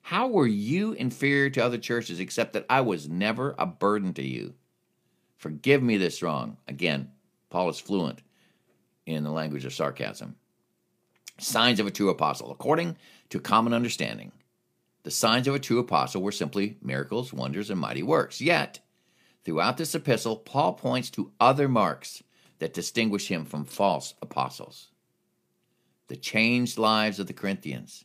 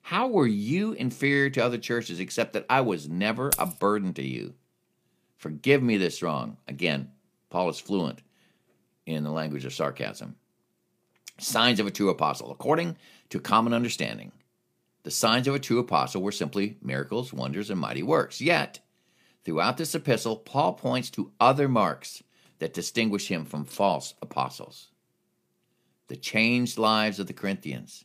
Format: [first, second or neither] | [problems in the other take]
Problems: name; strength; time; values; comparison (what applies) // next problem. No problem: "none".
first | jangling keys; noticeable; at 3.5 s; peak 1 dB below the speech